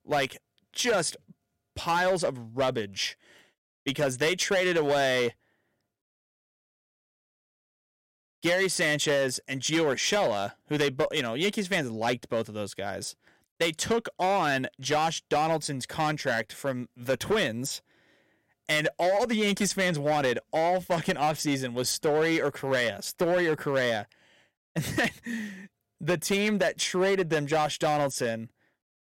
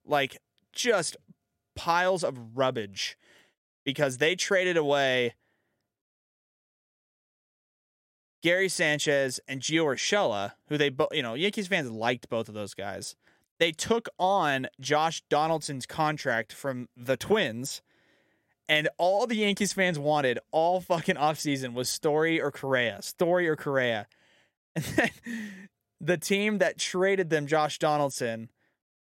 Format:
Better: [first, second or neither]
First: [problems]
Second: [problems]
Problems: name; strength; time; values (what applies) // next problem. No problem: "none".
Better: second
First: distortion; slight; 7% of the sound clipped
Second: none